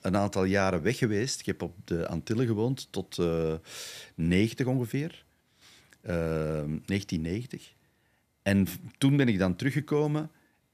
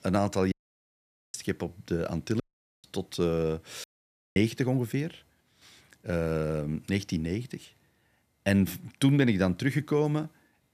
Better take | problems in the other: first | audio cutting out; at 0.5 s for 1 s, at 2.5 s and at 4 s for 0.5 s

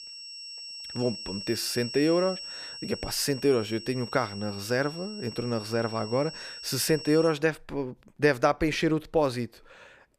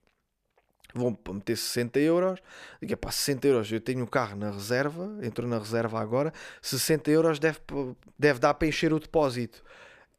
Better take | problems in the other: second | high-pitched whine; noticeable; until 7.5 s; 5.5 kHz, 10 dB below the speech

